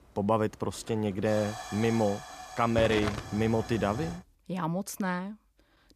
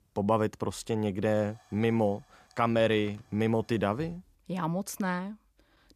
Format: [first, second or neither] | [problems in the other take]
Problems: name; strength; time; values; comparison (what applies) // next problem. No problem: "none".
second | hiss; loud; until 4 s; 9 dB below the speech; faint in the second